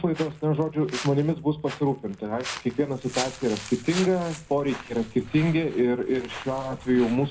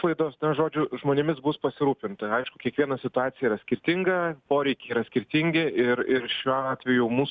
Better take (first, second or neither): second